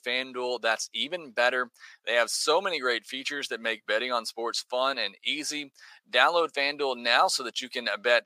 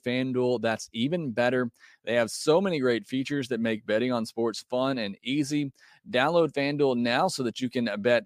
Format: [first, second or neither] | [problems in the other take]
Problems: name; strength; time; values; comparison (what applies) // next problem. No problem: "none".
second | thin; very; fading below 750 Hz